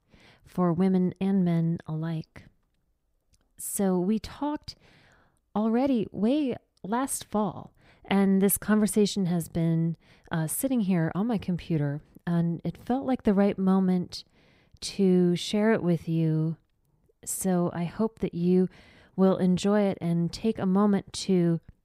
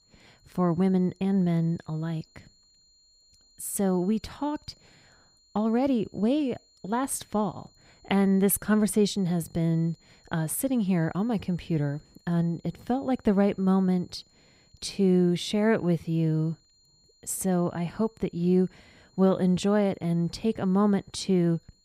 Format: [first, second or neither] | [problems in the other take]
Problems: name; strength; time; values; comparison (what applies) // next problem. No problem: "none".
first | high-pitched whine; faint; throughout; 4 kHz, 35 dB below the speech